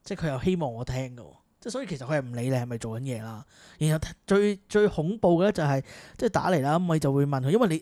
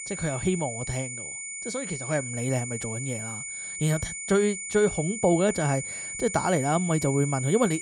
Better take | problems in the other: first | high-pitched whine; loud; throughout; 2 kHz, 6 dB below the speech

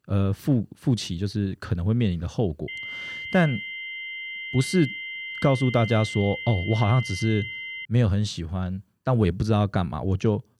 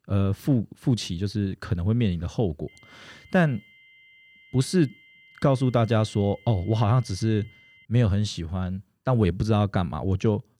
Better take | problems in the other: second | high-pitched whine; loud; from 2.5 to 8 s; 2 kHz, 8 dB below the speech; faint in the second

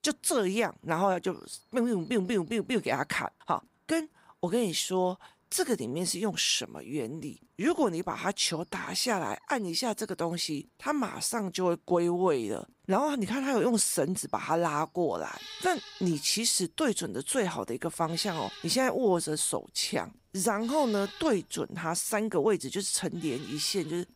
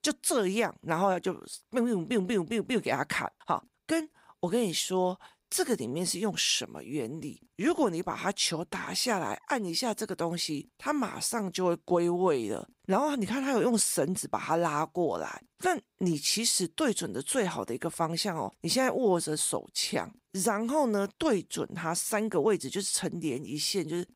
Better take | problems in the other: second | animal sounds; noticeable; throughout; 15 dB below the speech

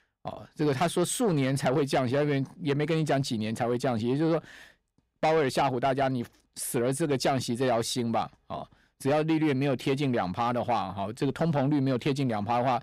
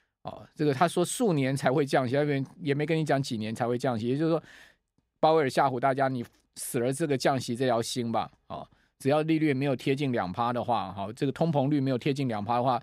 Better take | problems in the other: second | distortion; slight; 10 dB below the speech

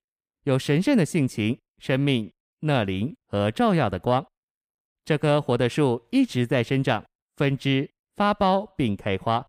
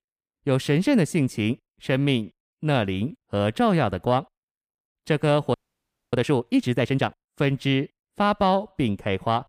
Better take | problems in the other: first | audio freezing; at 5.5 s for 0.5 s

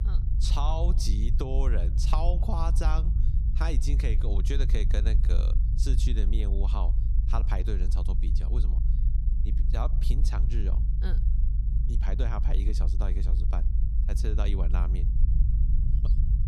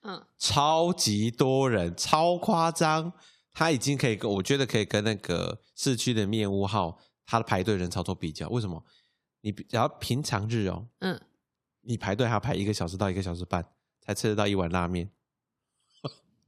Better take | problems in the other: second | low rumble; loud; throughout; 8 dB below the speech

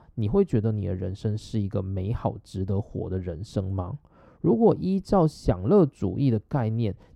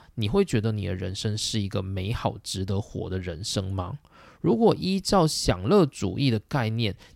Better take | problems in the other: second | muffled; very; fading above 1.5 kHz

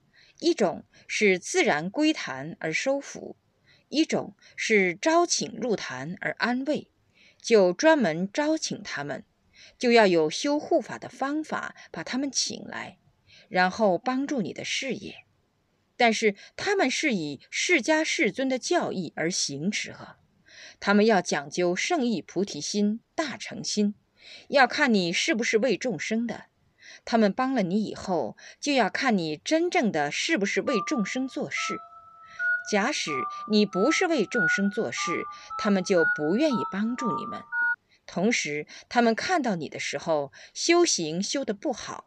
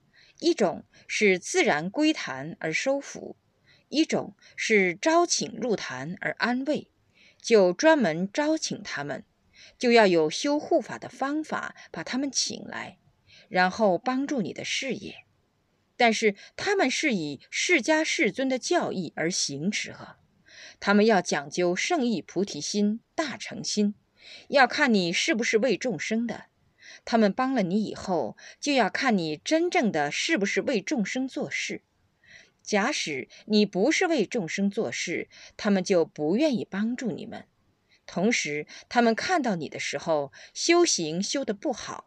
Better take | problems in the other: second | phone ringing; loud; from 31 to 38 s; peak level with the speech

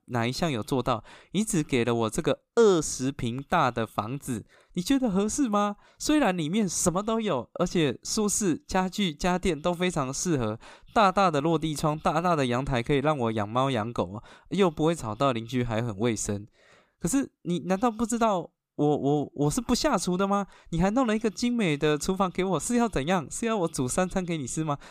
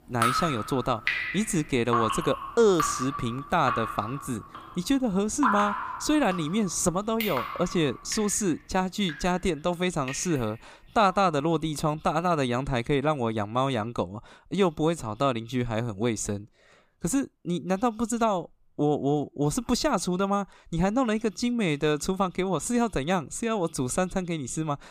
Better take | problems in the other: first | rain or running water; loud; throughout; 5 dB below the speech

